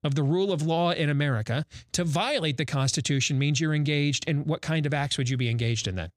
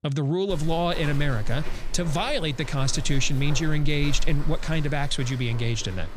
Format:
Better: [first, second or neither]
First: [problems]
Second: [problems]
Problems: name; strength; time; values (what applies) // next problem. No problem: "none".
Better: first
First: none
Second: footsteps; noticeable; peak 7 dB below the speech